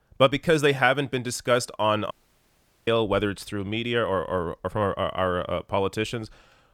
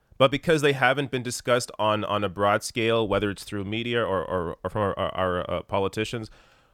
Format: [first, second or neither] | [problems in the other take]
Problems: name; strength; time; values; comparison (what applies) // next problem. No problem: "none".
second | audio cutting out; at 2 s for 1 s